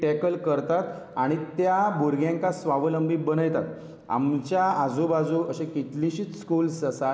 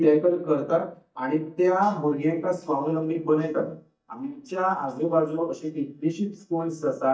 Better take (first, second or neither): first